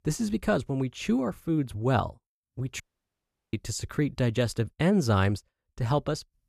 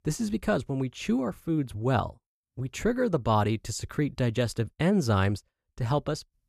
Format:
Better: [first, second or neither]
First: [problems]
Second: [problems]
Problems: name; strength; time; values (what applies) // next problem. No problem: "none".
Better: second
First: audio cutting out; at 3 s for 0.5 s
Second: none